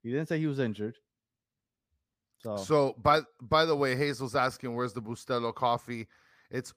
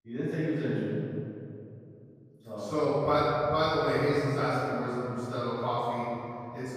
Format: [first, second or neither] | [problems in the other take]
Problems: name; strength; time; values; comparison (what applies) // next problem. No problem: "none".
first | off-mic speech; far // room echo; strong; dies away in 2.6 s